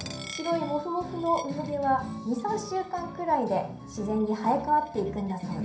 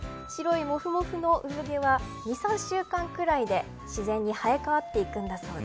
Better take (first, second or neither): second